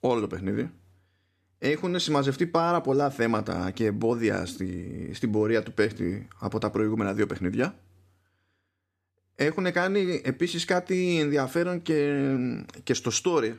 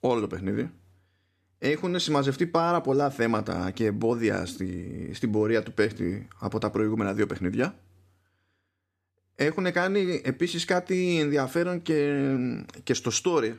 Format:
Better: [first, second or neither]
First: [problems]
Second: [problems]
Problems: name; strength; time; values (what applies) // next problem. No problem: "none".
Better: neither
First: none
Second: none